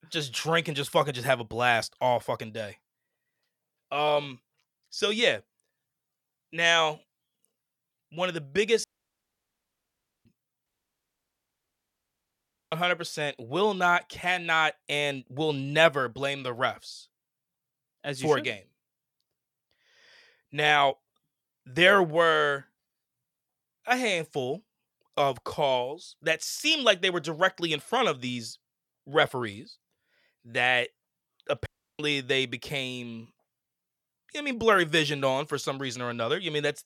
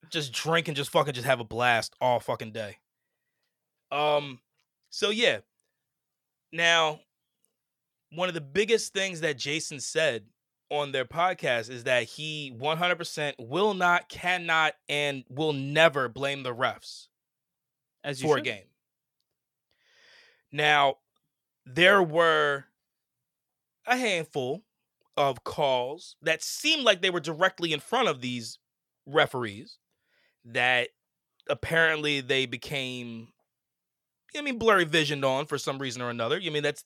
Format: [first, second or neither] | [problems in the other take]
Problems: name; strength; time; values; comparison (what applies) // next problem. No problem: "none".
second | audio cutting out; at 9 s for 1.5 s, at 11 s for 2 s and at 32 s